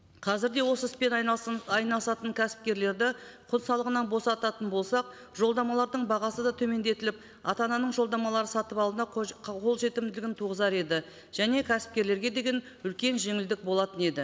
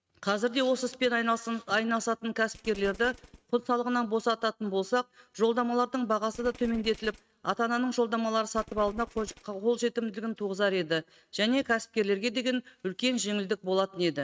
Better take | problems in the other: first | noise reduction (neural mask model RNNoise)

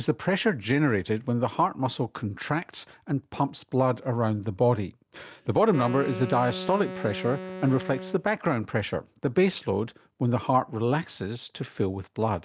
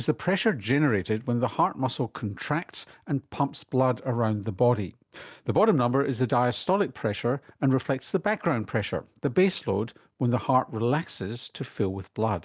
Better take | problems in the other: second | background sound (Wind instrument, woodwind instrument); 11 dB below the speech

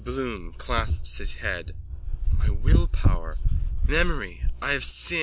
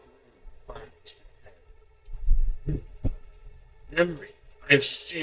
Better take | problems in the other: first | noise reduction (neural mask model DeepFilterNet 3)

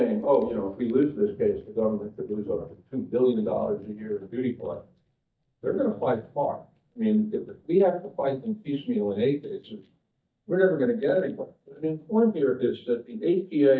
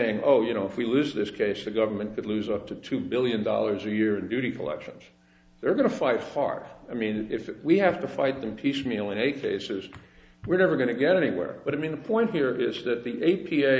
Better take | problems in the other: second | noise reduction (neural mask model DeepFilterNet 3)

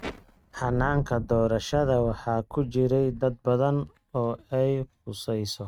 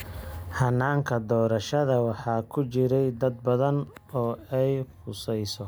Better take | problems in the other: second | noise reduction (neural mask model RNNoise)

